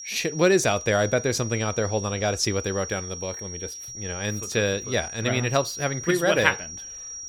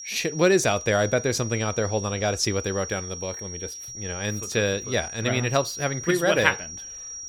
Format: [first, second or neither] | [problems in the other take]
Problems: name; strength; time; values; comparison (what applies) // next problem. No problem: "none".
neither | high-pitched whine; loud; throughout; 5.5 kHz, 10 dB below the speech; the same in both